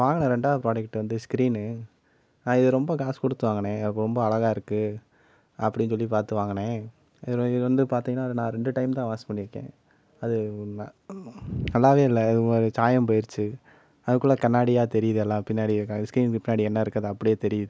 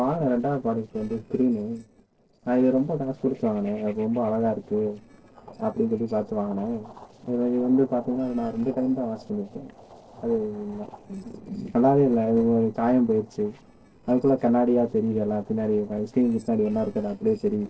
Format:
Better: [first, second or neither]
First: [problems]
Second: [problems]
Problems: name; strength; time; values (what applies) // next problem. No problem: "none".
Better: first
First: none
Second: noise reduction (neural separator model SepFormer DNS4)